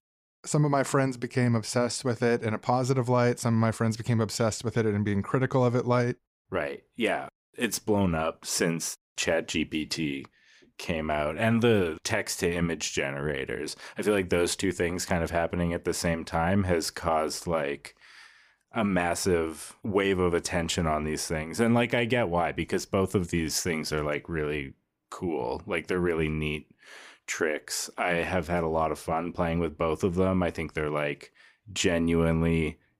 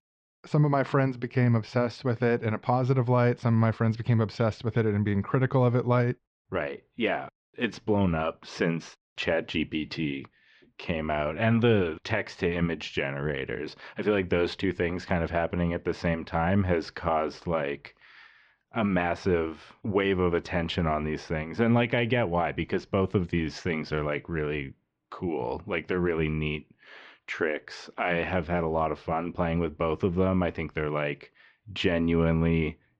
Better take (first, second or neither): first